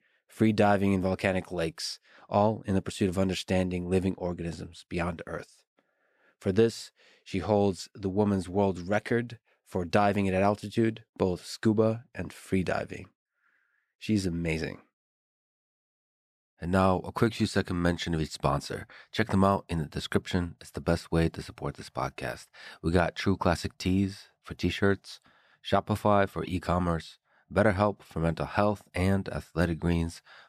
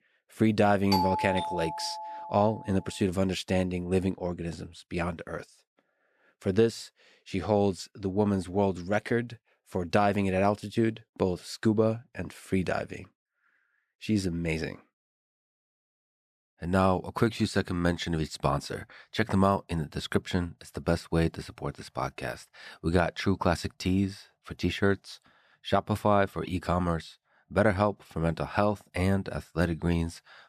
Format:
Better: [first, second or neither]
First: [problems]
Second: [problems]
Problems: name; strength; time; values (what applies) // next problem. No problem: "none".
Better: first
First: none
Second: doorbell; loud; from 1 to 2.5 s; peak 1 dB above the speech